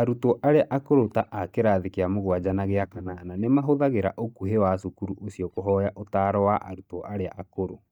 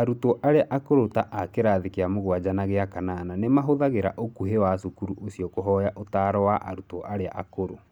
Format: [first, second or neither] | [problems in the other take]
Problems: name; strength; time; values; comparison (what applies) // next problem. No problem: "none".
second | noise reduction (neural mask model DeepFilterNet 3)